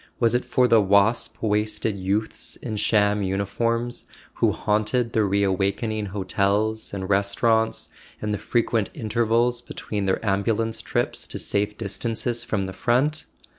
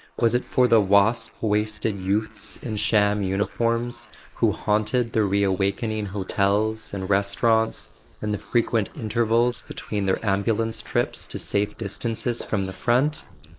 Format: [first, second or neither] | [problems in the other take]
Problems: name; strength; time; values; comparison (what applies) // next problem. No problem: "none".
first | noise reduction (neural mask model Resemble Enhance denoiser)